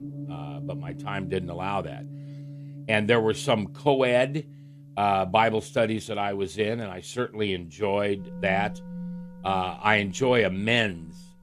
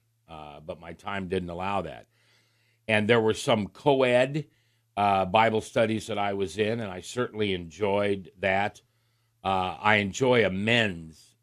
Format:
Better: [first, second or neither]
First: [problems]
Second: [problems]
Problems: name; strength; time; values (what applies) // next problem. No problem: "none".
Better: second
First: background music; noticeable; throughout; 15 dB below the speech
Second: none